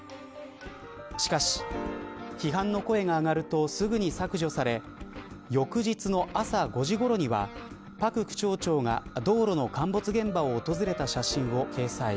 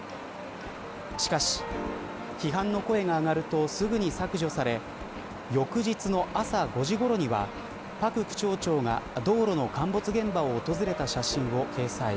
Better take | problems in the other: first | background sound (Wind); 12 dB below the speech

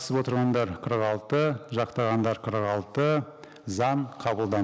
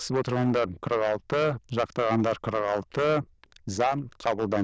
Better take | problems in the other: first | noise reduction (neural diffusion model UNIVERSE++)

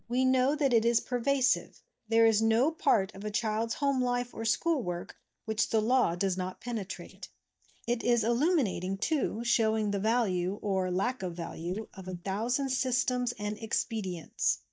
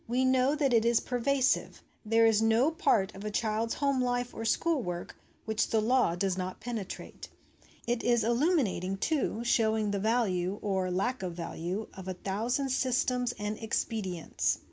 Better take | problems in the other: second | noise reduction (neural mask model DeepFilterNet 3)

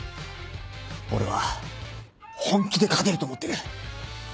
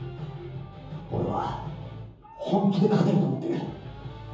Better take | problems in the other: first | room echo; dies away in 0.7 s

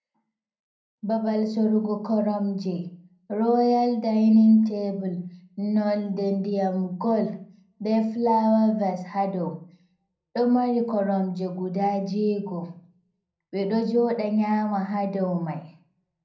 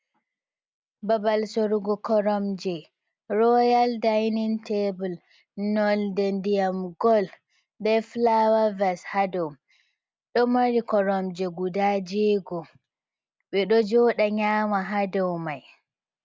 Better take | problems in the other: second | room echo; dies away in 0.5 s

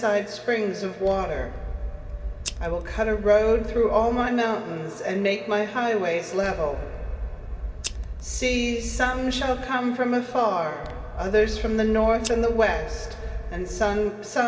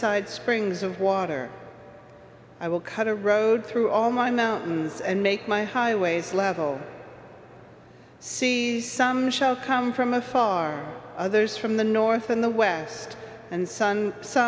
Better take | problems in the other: second | background sound (Scissors); 8 dB below the speech // room echo; dies away in 0.7 s

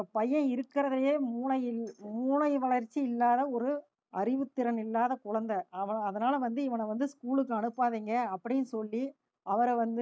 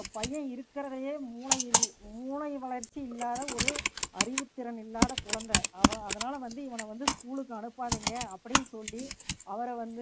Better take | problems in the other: first | background sound (Computer keyboard); 5 dB above the speech

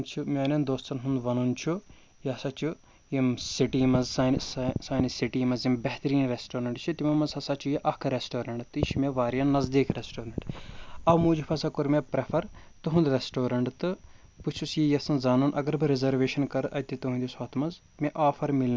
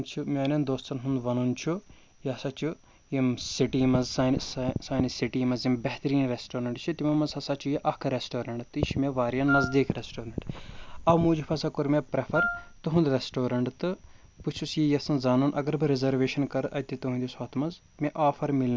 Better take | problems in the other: first | background sound (Wind instrument, woodwind instrument); 3 dB below the speech

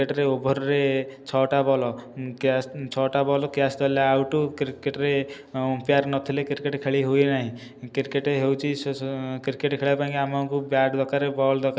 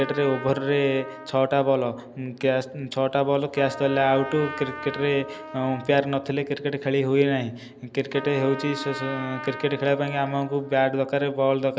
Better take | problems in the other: first | background sound (Trumpet); 15 dB below the speech

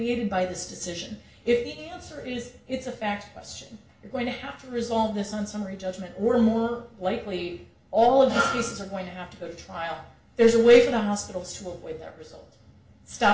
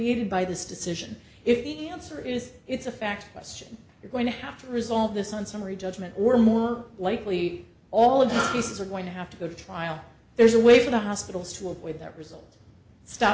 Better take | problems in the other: second | room echo; dies away in 0.2 s

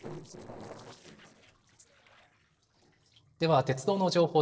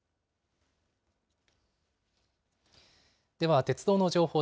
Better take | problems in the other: second | noise reduction (neural separator model SepFormer DNS4)

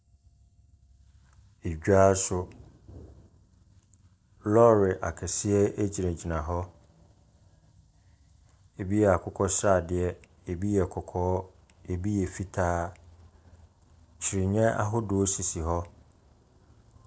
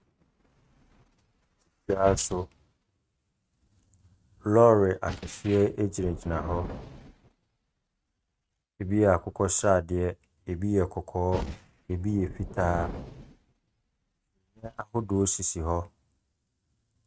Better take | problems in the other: first | noise reduction (neural mask model RNNoise)

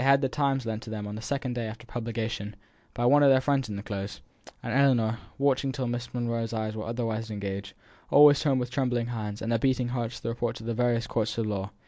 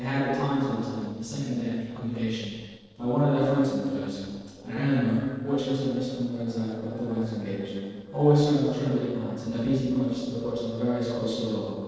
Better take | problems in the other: first | noise reduction (neural separator model SepFormer DNS4)

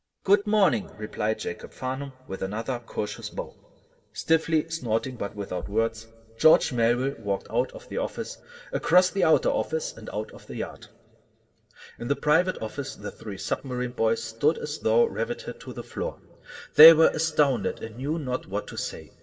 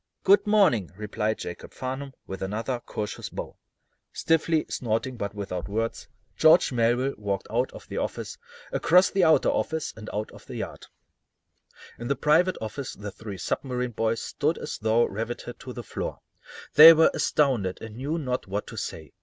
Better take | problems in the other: second | room echo; dies away in 0.3 s

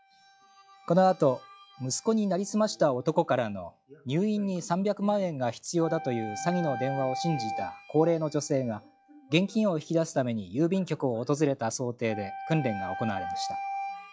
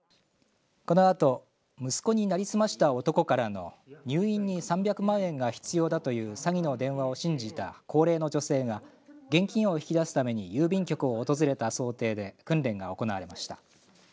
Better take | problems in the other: second | noise reduction (classical method log-MMSE)

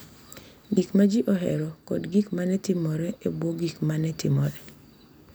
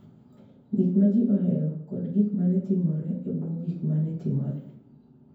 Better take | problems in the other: first | room echo; dies away in 0.9 s

